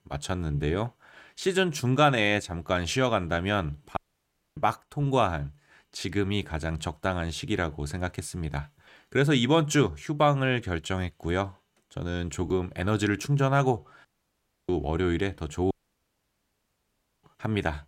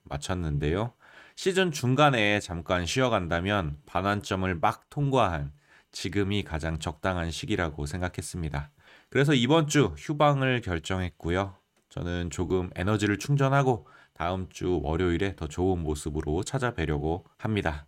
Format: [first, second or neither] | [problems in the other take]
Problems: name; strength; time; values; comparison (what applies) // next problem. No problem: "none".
second | audio cutting out; at 4 s for 0.5 s, at 14 s for 0.5 s and at 16 s for 1.5 s